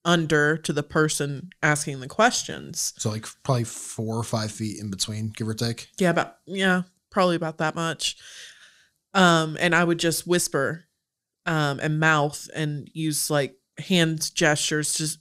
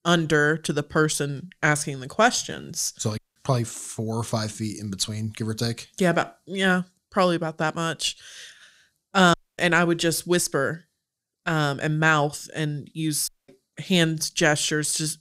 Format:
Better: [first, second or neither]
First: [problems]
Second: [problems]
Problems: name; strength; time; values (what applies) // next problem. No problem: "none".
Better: first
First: none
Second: audio cutting out; at 3 s, at 9.5 s and at 13 s